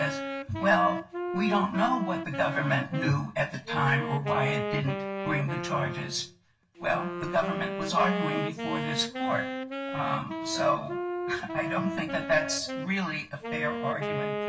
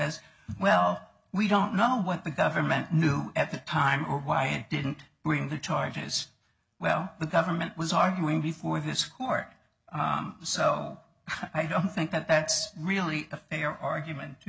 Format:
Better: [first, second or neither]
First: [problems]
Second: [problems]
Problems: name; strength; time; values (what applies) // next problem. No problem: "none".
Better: second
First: background sound (Wind instrument, woodwind instrument); 5 dB below the speech // room echo; dies away in 0.2 s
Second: none